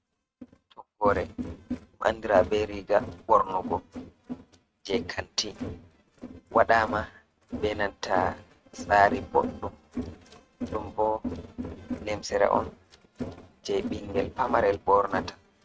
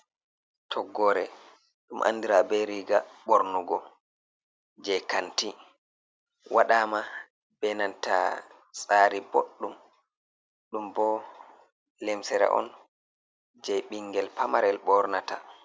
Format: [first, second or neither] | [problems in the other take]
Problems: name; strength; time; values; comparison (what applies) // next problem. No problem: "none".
second | noise reduction (neural mask model RNNoise)